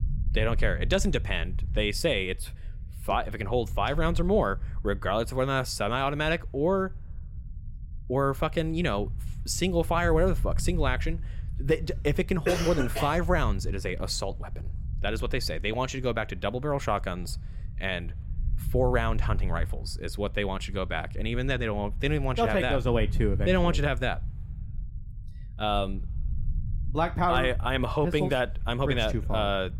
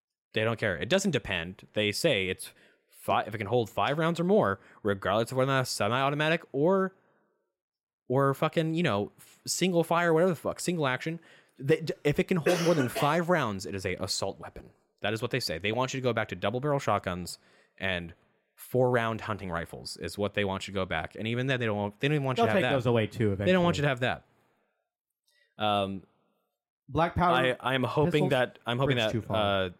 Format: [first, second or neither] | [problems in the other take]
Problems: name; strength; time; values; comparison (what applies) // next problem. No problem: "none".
second | low rumble; faint; throughout; 25 dB below the speech